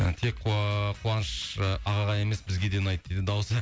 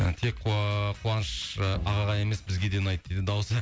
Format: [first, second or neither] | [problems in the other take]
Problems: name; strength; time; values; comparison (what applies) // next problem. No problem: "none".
first | background sound (Bowed string instrument); 13 dB below the speech